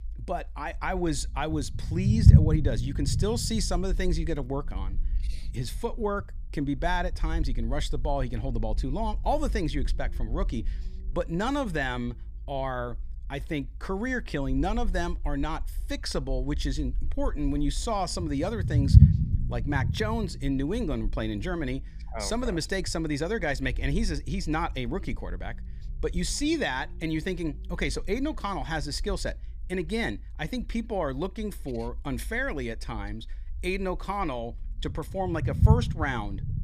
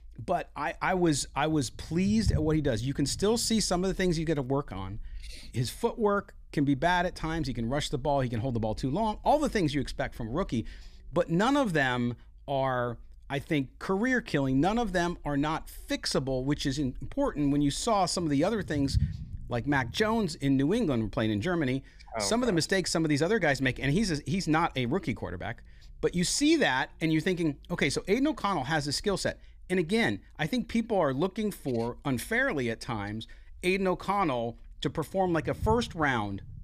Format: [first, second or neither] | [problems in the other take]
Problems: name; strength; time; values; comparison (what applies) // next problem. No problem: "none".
second | low rumble; loud; throughout; 7 dB below the speech; faint in the second